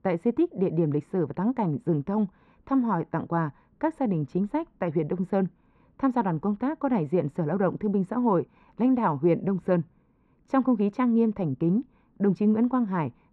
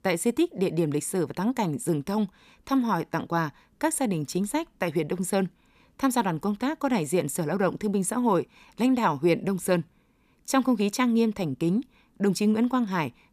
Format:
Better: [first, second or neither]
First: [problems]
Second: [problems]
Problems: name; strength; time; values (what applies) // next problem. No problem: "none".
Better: second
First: muffled; very; fading above 1.5 kHz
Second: none